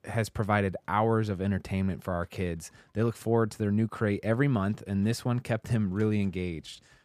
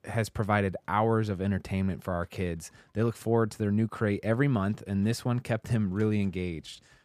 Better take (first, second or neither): neither